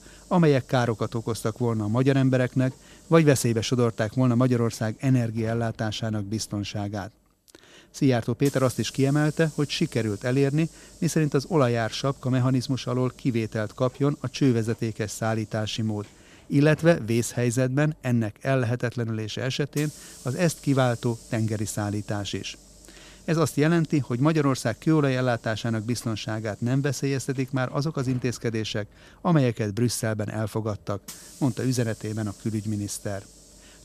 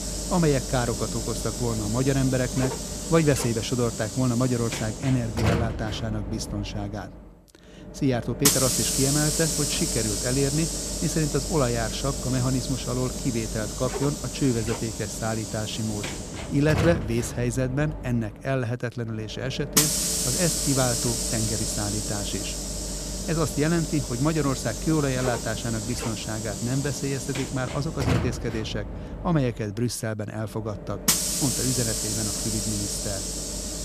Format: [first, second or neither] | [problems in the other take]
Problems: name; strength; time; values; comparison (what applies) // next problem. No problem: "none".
first | hiss; loud; throughout; 1 dB below the speech; faint in the first